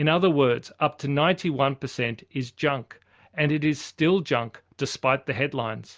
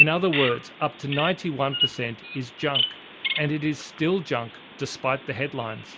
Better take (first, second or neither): first